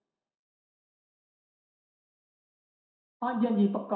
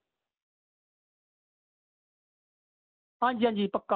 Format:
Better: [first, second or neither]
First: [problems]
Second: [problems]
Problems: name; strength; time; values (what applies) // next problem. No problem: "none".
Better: second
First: room echo; dies away in 0.7 s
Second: none